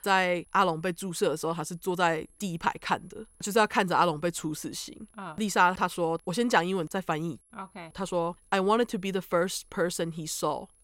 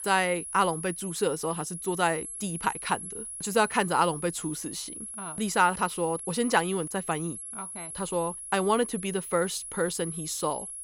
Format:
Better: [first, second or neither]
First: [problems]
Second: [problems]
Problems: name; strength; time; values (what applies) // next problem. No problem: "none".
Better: first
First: high-pitched whine; faint; throughout; 10.5 kHz, 35 dB below the speech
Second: high-pitched whine; loud; throughout; 10.5 kHz, 8 dB below the speech